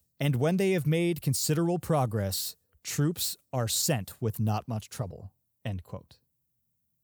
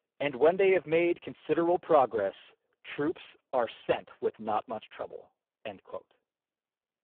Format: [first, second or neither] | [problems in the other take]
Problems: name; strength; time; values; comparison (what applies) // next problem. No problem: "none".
first | phone-call audio; poor line